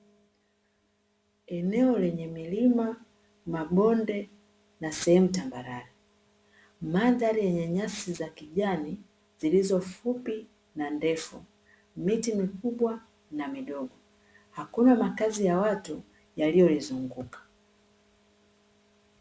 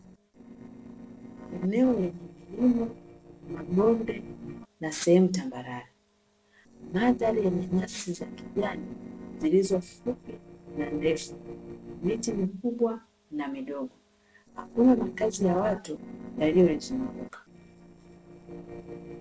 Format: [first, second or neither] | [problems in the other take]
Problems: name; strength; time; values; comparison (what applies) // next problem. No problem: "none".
first | noise reduction (neural separator model SepFormer DNS4)